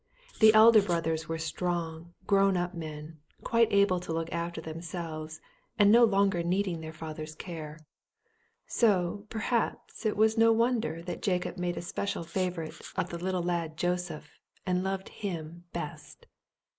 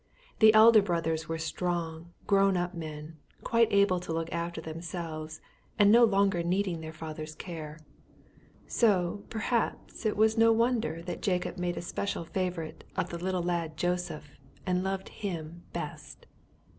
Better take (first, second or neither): second